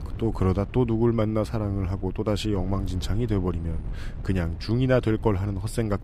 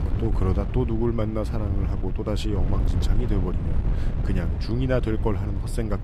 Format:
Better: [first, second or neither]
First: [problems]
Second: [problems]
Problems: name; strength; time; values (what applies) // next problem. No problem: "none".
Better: first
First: wind noise on the microphone; occasional gusts; 20 dB below the speech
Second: wind noise on the microphone; heavy; 9 dB below the speech